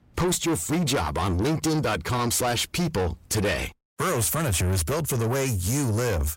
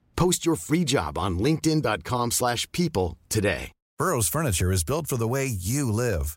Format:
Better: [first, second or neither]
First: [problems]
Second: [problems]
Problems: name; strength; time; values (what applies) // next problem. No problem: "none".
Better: second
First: distortion; heavy; 8 dB below the speech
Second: none